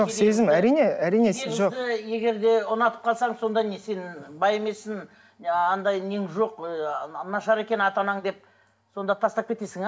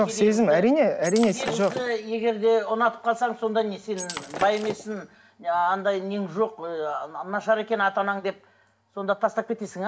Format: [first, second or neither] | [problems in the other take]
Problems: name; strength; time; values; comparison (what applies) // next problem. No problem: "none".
first | background sound (Shatter); 12 dB below the speech